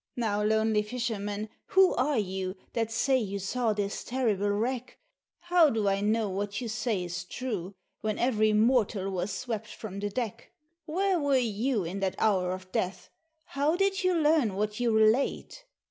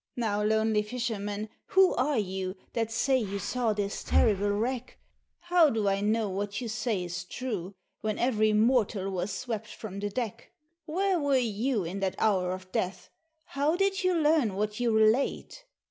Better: first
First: none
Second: background sound (Breathing); 5 dB below the speech

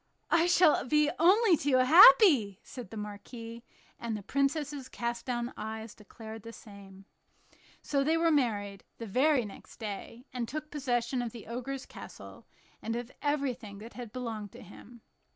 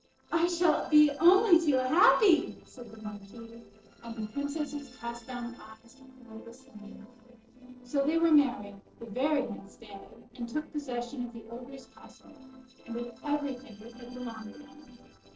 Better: first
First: none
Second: noise reduction (neural separator model SepFormer DNS4)

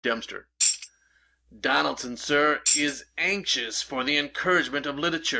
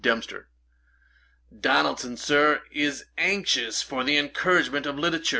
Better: second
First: noise reduction (neural mask model DeepFilterNet 3)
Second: none

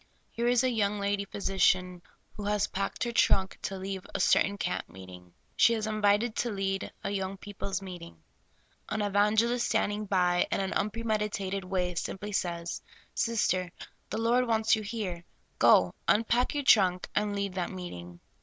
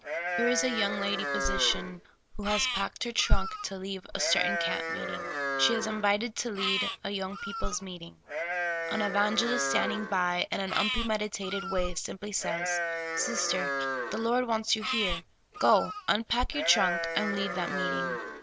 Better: first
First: none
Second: background sound (Livestock, farm animals, working animals); 4 dB below the speech

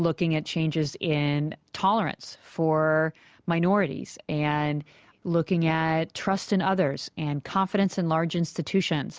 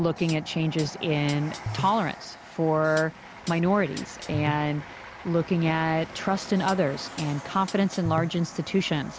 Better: first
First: none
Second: background sound (Train + Hi-hat); 12 dB below the speech

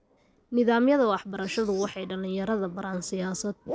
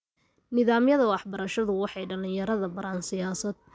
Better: second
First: background sound (Zipper (clothing)); 17 dB below the speech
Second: none

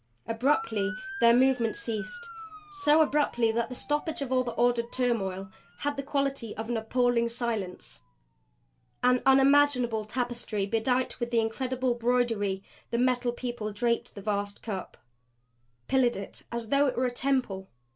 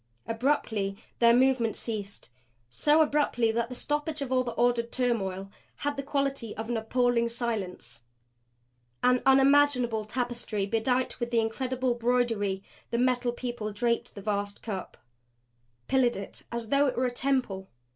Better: second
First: background sound (Motor vehicle (road) / Siren); 19 dB below the speech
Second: none

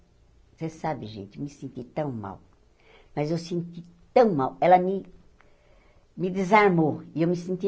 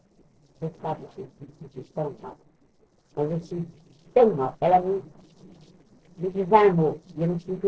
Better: first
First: none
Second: noise reduction (neural separator model SepFormer DNS4)

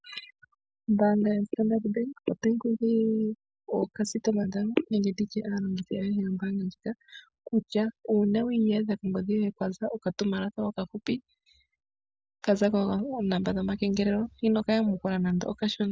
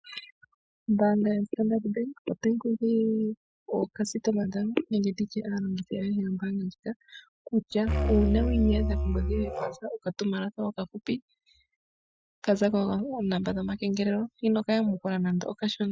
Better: first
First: none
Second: noise reduction (classical method Wiener filter)

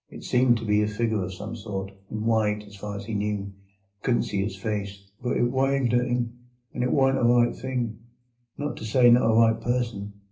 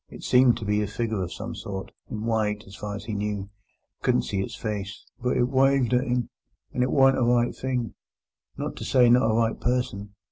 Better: second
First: room echo; dies away in 0.3 s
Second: none

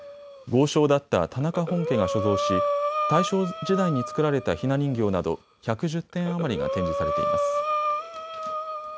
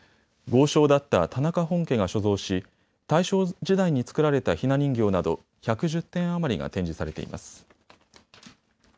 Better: second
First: background sound (Breathing); 3 dB below the speech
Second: none

